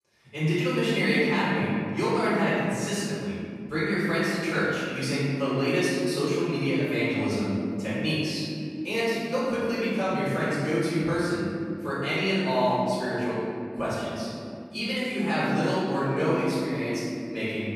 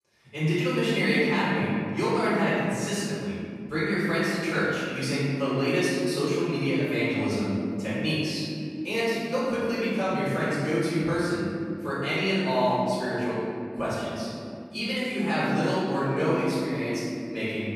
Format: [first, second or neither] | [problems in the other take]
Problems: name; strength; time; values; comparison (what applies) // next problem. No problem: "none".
neither | room echo; strong; dies away in 3 s; the same in both // off-mic speech; far; the same in both